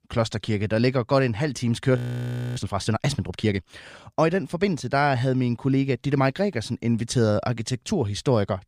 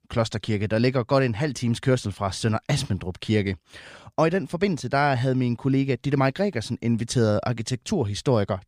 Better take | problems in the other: second | audio freezing; at 2 s for 0.5 s

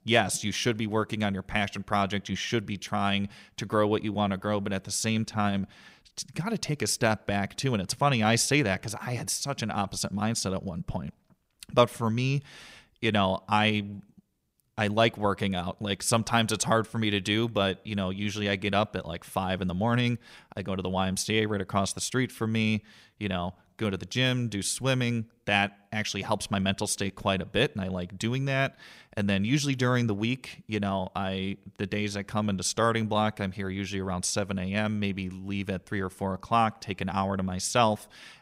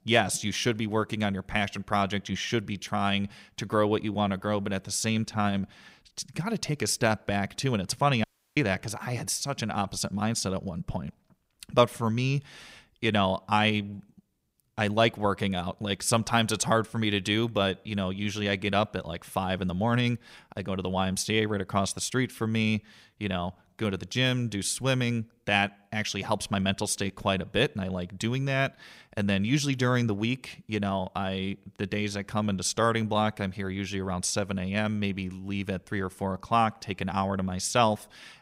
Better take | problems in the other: first | audio cutting out; at 8 s

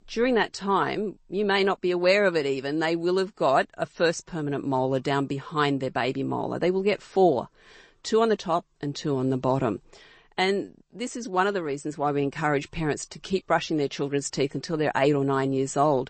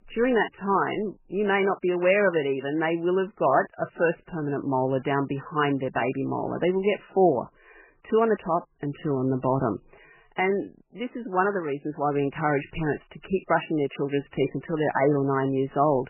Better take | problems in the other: first | garbled, watery; badly; nothing above 3 kHz; slightly in the first

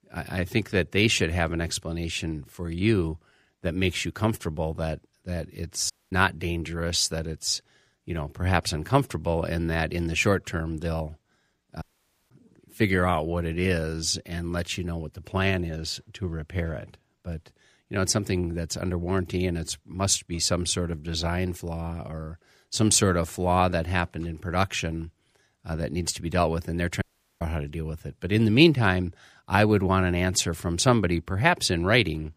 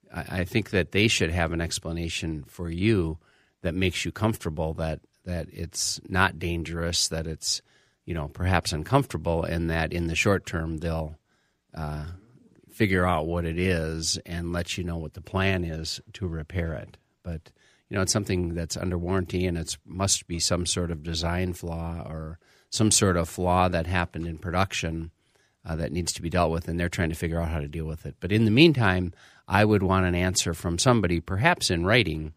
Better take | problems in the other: second | audio cutting out; at 6 s, at 12 s and at 27 s

